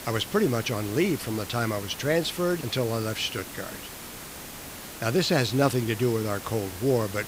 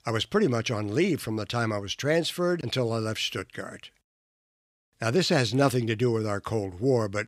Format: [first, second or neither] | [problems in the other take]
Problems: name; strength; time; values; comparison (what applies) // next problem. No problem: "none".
second | hiss; noticeable; throughout; 10 dB below the speech